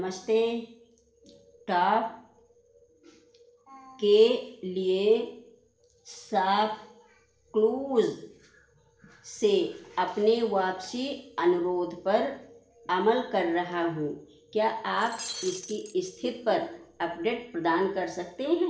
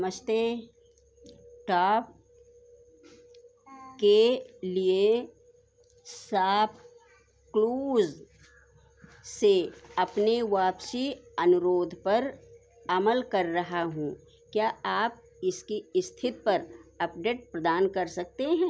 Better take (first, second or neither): second